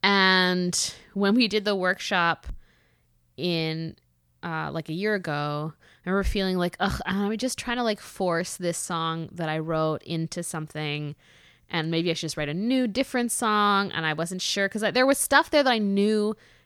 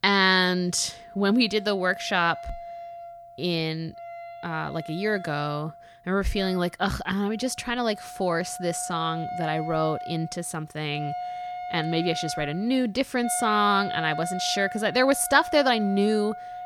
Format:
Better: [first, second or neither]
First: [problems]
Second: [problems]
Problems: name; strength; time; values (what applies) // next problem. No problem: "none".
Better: first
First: none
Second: background music; noticeable; throughout; 10 dB below the speech